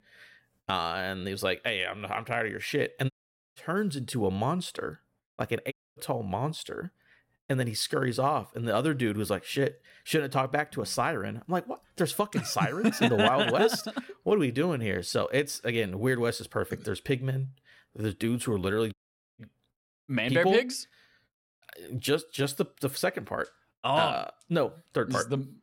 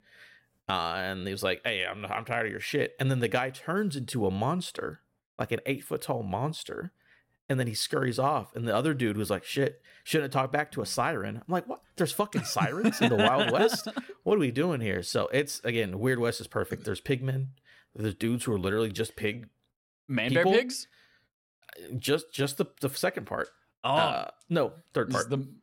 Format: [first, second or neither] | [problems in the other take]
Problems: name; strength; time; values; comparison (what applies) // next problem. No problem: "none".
second | audio cutting out; at 3 s, at 5.5 s and at 19 s